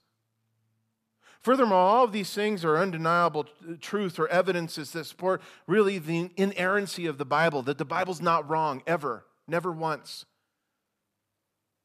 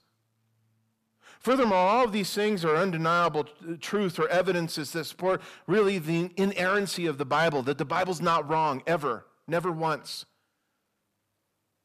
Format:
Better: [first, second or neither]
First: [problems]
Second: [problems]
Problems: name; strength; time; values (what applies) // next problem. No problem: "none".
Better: first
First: none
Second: distortion; slight; 10 dB below the speech